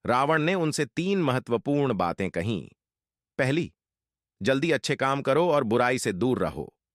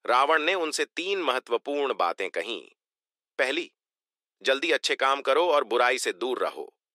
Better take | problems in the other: first | thin; very; fading below 350 Hz

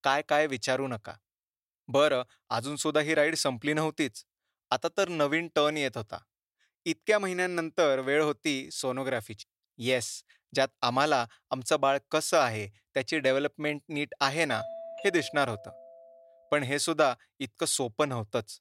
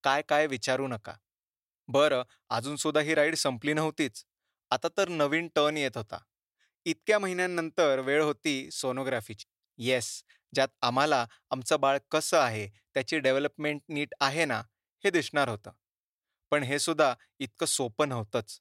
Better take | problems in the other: second | doorbell; noticeable; from 15 to 16 s; peak 9 dB below the speech

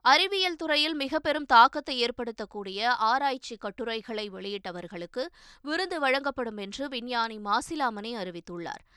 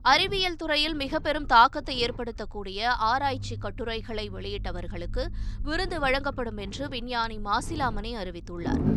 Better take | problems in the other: first | low rumble; faint; throughout; 20 dB below the speech

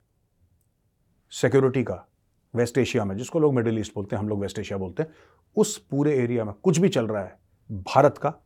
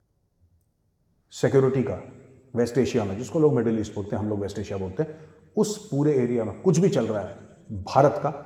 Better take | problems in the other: first | room echo; very slight; dies away in 1.3 s

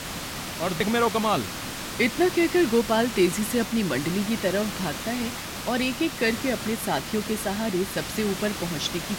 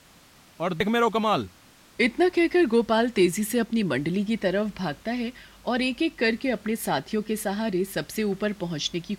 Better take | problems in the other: second | hiss; loud; throughout; 7 dB below the speech; faint in the second

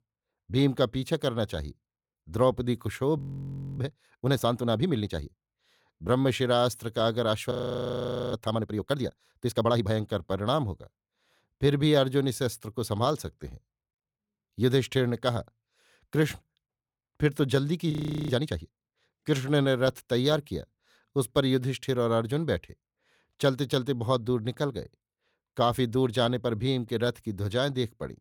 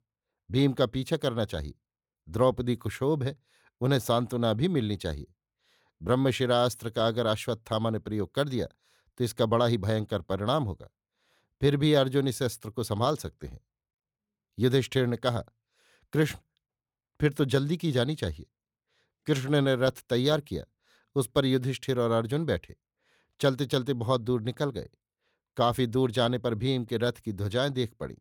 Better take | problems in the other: second | audio freezing; at 3 s for 0.5 s, at 7.5 s for 1 s and at 18 s

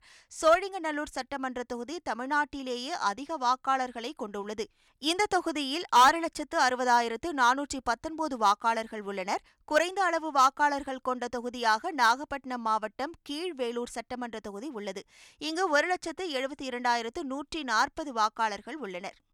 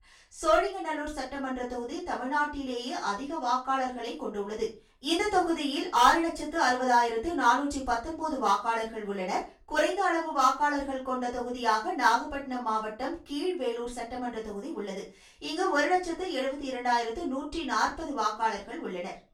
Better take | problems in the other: first | off-mic speech; far // room echo; slight; dies away in 0.3 s

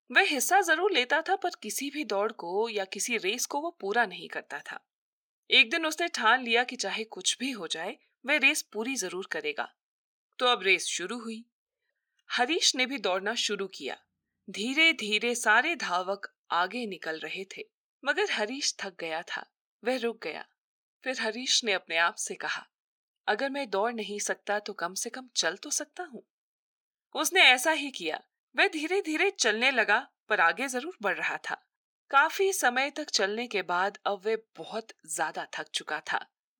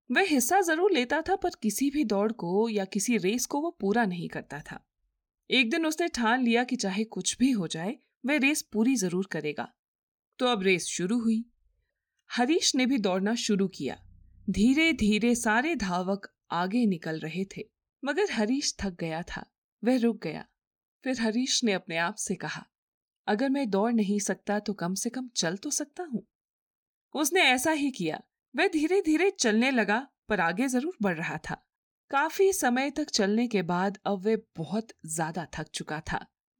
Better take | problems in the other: second | thin; somewhat; fading below 500 Hz

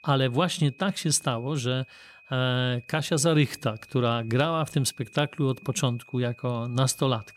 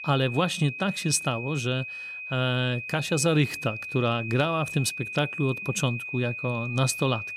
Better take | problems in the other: first | high-pitched whine; loud; throughout; 2.5 kHz, 7 dB below the speech; faint in the first

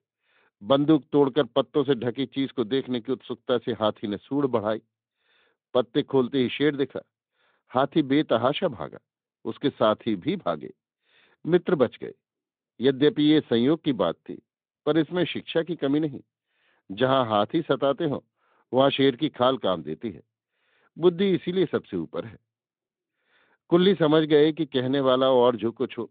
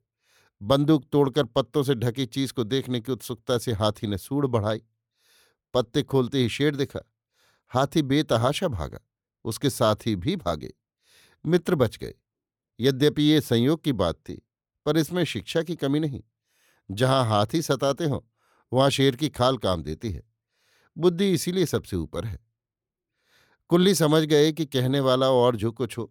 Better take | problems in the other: second | phone-call audio; nothing above 3.5 kHz

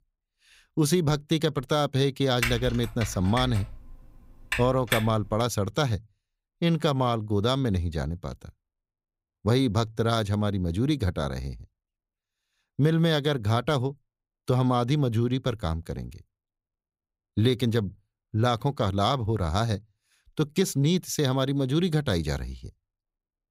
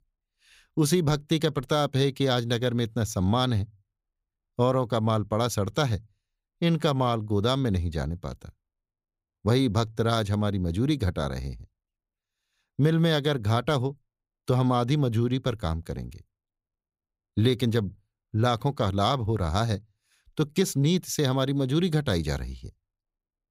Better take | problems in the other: second | keyboard typing; noticeable; from 2.5 to 5.5 s; peak 3 dB below the speech

